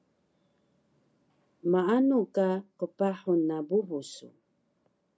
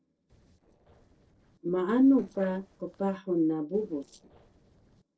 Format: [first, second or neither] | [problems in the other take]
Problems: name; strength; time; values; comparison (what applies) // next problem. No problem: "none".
first | noise reduction (neural separator model SepFormer DNS4)